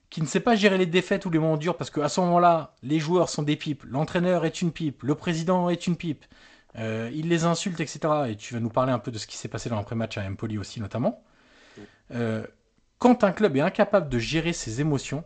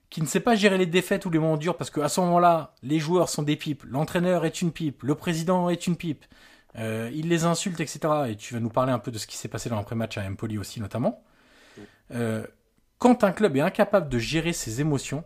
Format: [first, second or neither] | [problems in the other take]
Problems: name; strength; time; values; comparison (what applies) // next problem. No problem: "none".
second | garbled, watery; slightly; nothing above 8 kHz